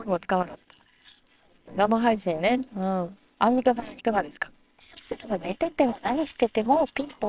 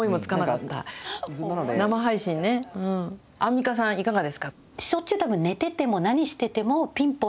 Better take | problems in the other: second | noise reduction (neural separator model SepFormer WHAMR!)

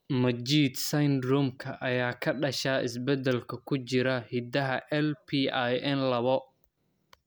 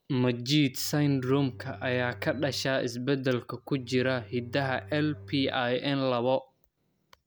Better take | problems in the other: first | background sound (Bowed string instrument); 18 dB below the speech

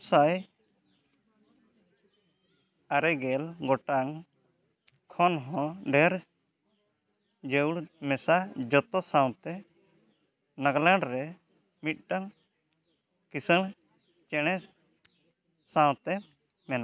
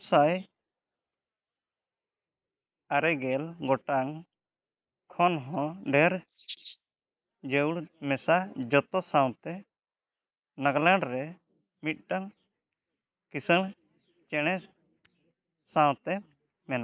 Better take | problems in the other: first | noise reduction (neural mask model Resemble Enhance denoiser)

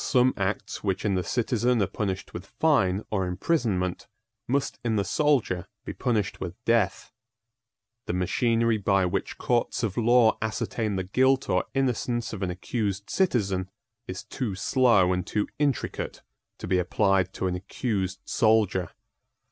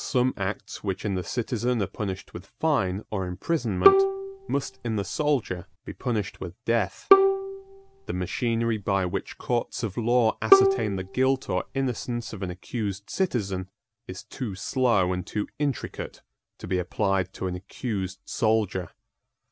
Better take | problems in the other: first | background sound (Bowed string instrument); 2 dB above the speech

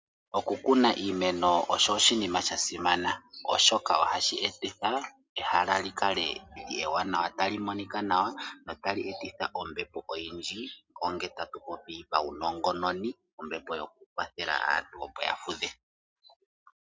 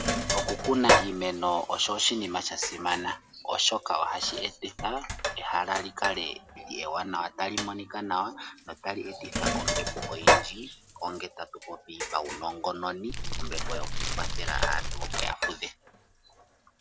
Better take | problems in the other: first | background sound (Sink (filling or washing) + Fire); 1 dB above the speech

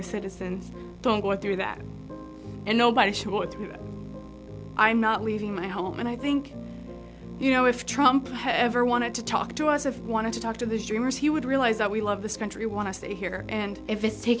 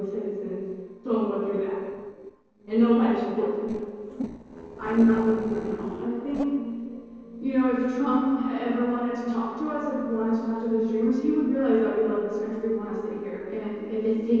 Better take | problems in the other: first | noise reduction (neural separator model SepFormer DNS4)

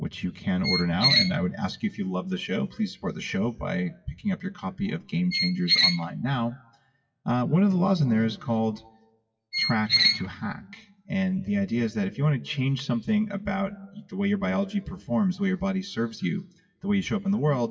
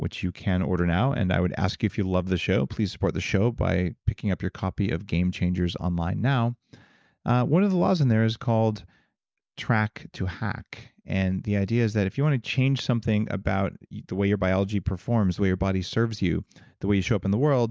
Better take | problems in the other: second | noise reduction (classical method WPE with log-MMSE)

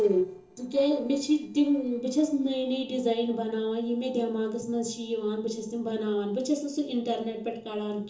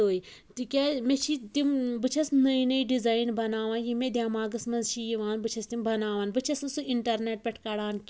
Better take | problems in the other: second | noise reduction (neural separator model SepFormer DNS4)

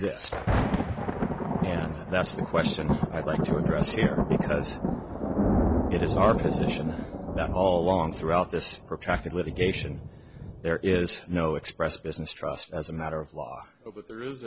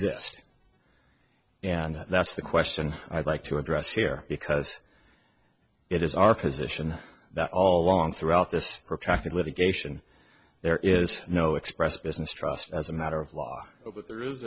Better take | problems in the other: second | background sound (Thunder); as loud as the speech

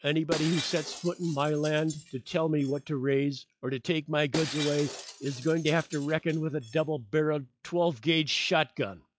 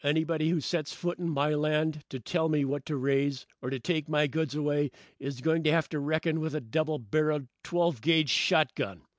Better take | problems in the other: second | noise reduction (classical method log-MMSE)

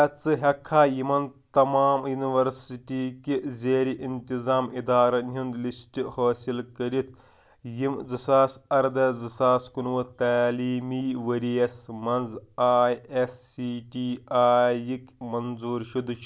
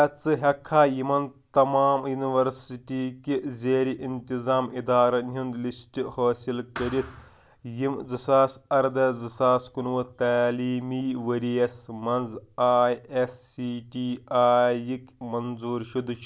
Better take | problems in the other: first | background sound (Thump, thud); 16 dB below the speech

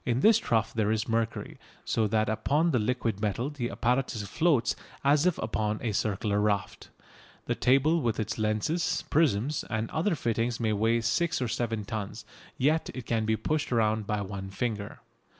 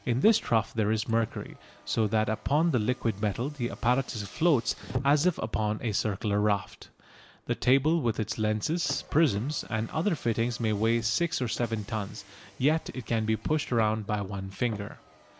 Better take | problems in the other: first | background sound (Car); 19 dB below the speech

